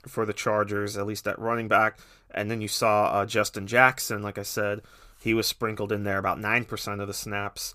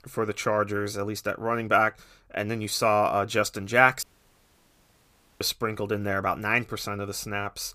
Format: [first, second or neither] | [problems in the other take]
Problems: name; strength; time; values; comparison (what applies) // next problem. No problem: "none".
first | audio cutting out; at 4 s for 1.5 s